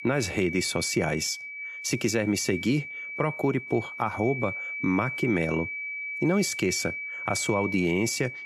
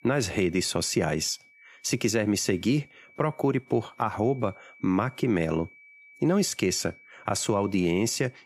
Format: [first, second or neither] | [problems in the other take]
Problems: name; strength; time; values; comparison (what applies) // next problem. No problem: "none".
second | high-pitched whine; loud; throughout; 2.5 kHz, 6 dB below the speech; faint in the second